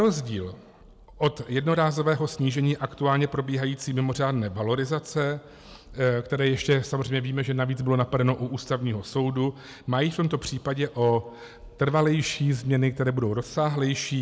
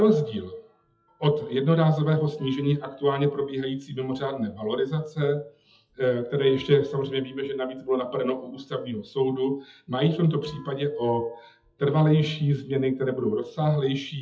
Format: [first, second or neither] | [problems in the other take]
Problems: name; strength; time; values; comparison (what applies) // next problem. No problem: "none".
first | noise reduction (classical method WPE with log-MMSE)